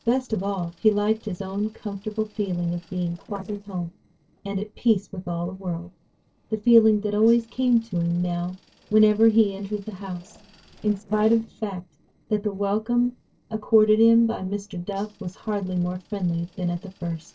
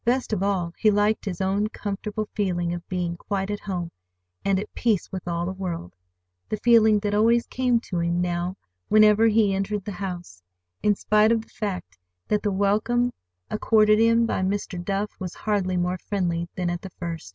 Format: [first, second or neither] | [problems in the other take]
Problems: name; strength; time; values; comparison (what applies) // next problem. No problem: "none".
second | noise reduction (neural separator model SepFormer DNS4)